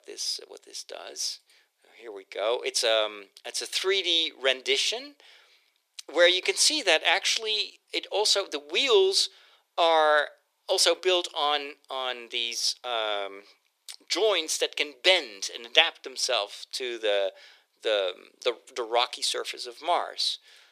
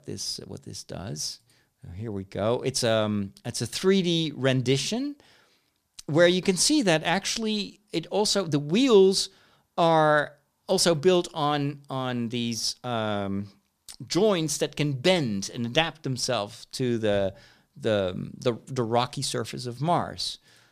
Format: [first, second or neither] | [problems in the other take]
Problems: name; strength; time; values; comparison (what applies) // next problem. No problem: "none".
second | thin; very; fading below 400 Hz